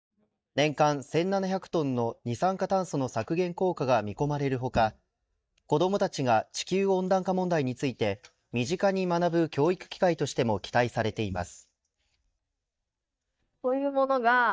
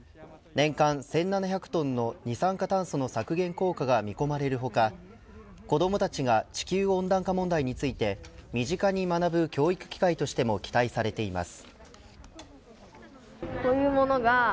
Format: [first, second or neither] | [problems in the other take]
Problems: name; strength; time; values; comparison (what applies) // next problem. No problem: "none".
second | noise reduction (neural mask model DeepFilterNet 3)